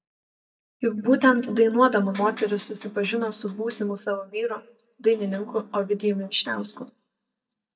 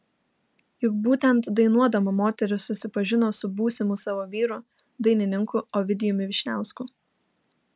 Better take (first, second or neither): second